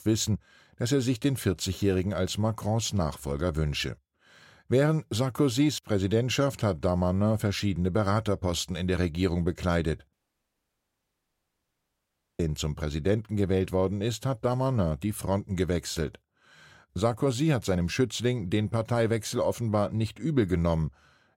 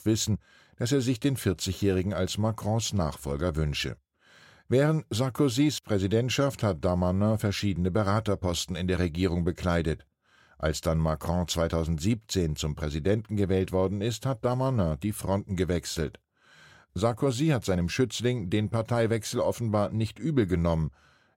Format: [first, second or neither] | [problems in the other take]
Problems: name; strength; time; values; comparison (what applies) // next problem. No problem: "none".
second | audio cutting out; at 10 s for 2.5 s